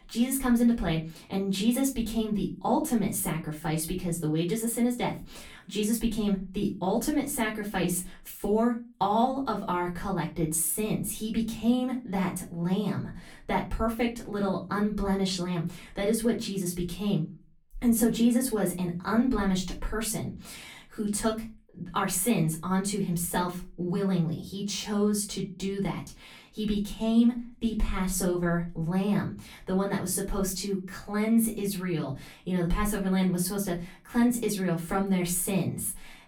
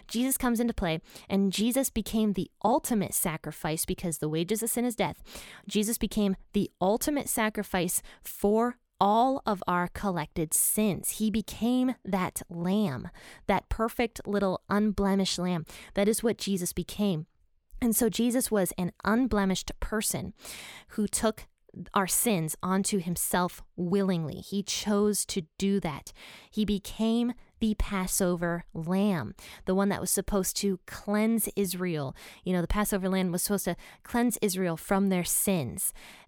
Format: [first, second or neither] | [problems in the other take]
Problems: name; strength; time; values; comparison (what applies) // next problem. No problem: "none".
second | off-mic speech; far // room echo; very slight; dies away in 0.3 s